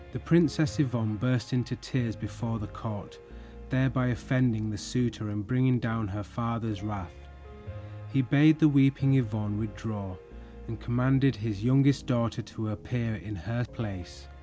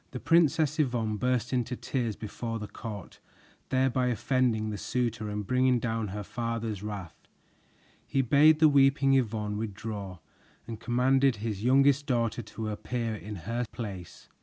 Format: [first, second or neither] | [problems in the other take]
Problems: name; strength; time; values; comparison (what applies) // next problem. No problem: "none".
second | background sound (Piano); 16 dB below the speech